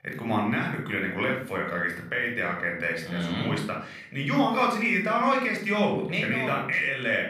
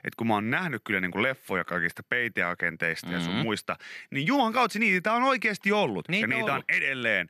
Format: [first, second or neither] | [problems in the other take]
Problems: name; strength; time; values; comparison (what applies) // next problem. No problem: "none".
second | off-mic speech; somewhat distant // room echo; noticeable; dies away in 0.5 s